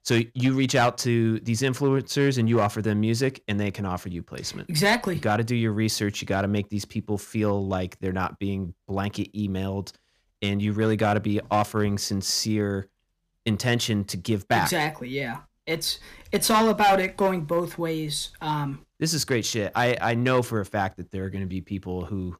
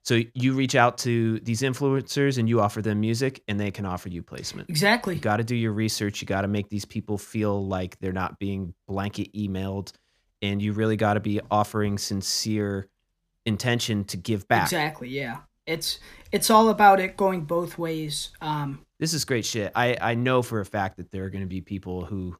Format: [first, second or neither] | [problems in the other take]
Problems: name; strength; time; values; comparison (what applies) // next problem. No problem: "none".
second | distortion; slight; 3% of the sound clipped